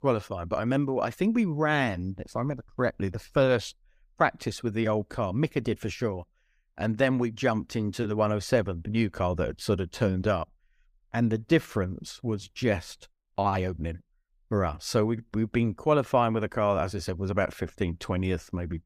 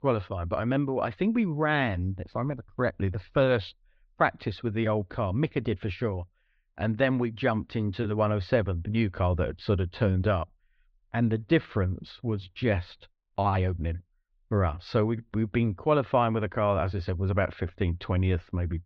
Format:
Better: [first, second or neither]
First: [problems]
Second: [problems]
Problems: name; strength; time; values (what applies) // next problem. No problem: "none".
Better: first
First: none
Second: muffled; slightly; fading above 4 kHz